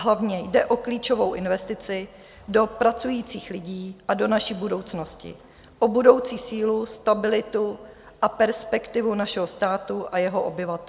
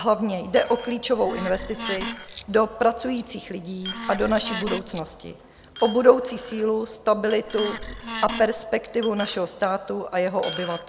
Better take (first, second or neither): first